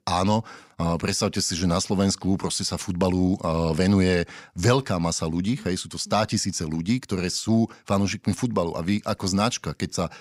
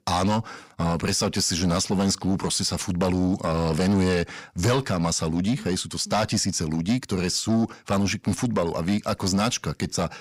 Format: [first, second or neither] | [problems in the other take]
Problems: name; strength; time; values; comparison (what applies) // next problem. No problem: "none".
first | distortion; slight; 10 dB below the speech